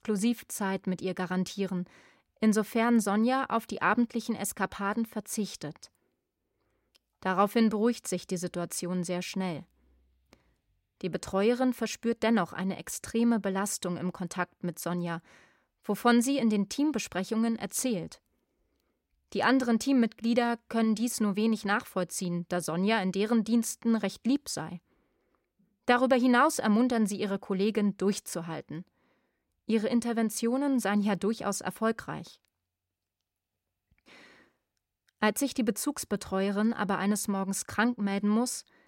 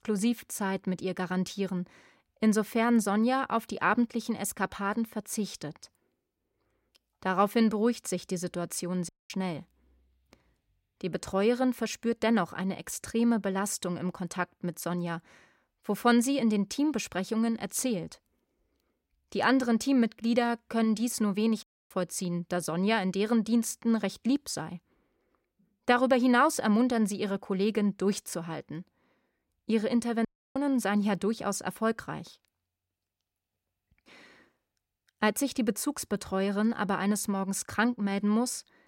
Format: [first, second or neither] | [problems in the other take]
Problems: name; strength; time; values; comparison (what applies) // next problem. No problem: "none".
first | audio cutting out; at 9 s, at 22 s and at 30 s